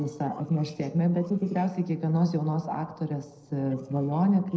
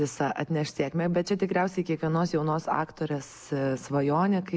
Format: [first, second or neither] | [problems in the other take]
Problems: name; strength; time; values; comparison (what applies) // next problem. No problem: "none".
second | noise reduction (neural separator model SepFormer DNS4)